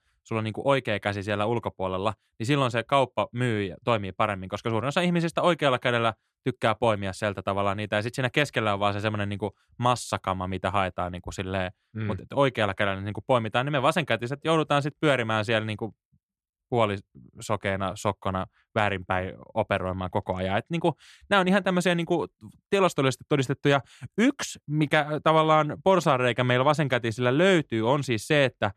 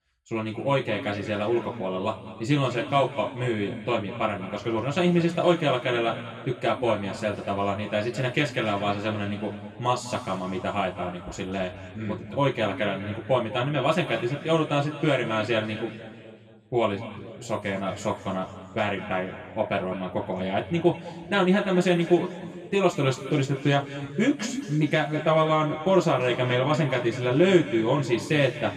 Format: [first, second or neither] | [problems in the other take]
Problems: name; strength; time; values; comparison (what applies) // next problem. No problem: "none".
first | room echo; noticeable; dies away in 2.1 s // off-mic speech; far